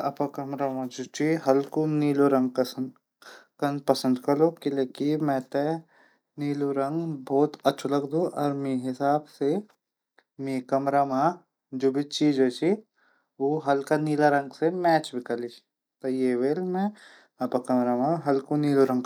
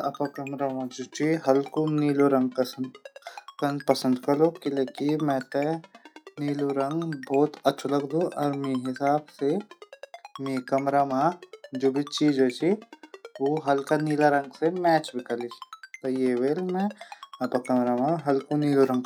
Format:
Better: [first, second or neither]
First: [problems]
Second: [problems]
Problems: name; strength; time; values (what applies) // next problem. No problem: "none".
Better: first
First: none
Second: noise reduction (classical method log-MMSE)